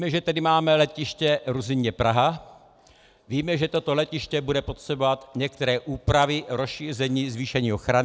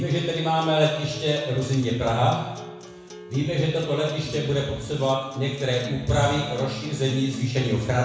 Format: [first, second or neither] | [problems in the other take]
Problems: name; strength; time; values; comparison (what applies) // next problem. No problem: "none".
first | background sound (Acoustic guitar); 16 dB below the speech // room echo; dies away in 1 s